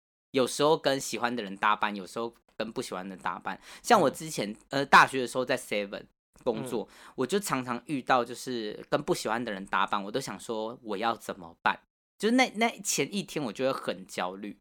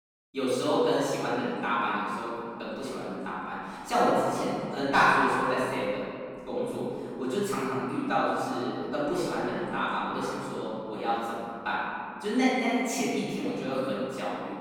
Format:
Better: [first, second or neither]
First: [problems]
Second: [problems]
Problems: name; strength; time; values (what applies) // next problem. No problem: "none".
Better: first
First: none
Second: room echo; strong; dies away in 2.6 s // off-mic speech; far